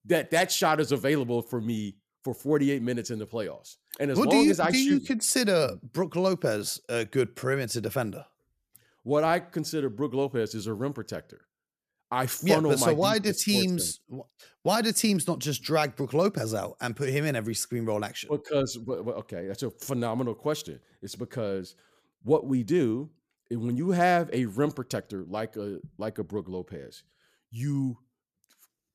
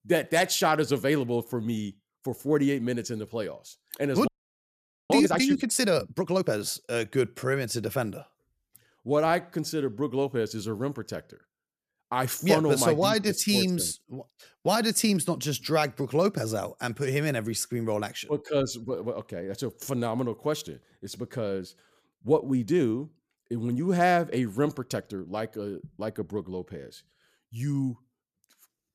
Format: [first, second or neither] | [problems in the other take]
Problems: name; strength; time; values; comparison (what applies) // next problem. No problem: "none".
first | audio freezing; at 4.5 s for 1 s